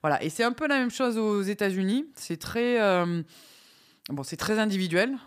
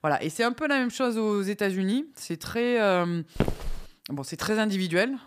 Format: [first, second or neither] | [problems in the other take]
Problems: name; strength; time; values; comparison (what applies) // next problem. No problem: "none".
first | footsteps; noticeable; at 3.5 s; peak 3 dB below the speech